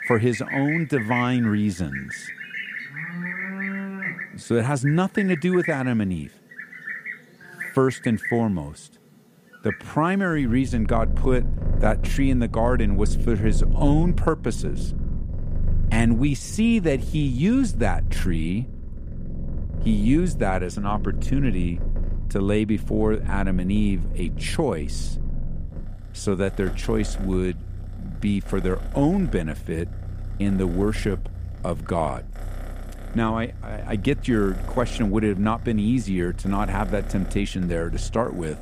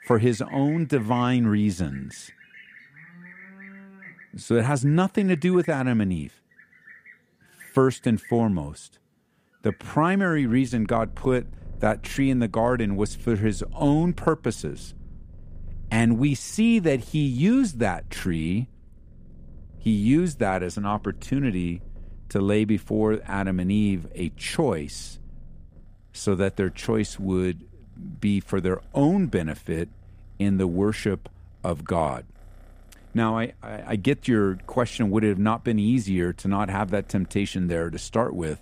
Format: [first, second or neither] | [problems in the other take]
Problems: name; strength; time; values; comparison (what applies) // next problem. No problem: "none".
second | animal sounds; loud; throughout; 7 dB below the speech; faint in the second